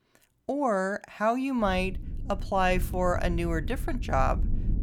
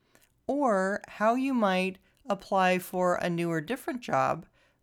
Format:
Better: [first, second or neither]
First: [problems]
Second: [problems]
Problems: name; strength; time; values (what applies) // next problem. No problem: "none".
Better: second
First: low rumble; faint; from 1.5 s on; 20 dB below the speech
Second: none